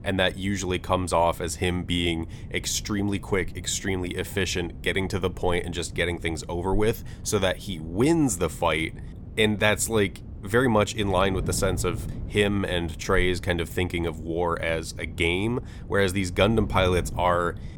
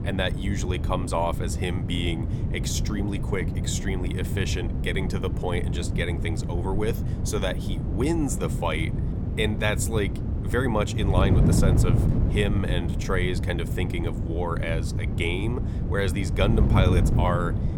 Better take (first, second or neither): first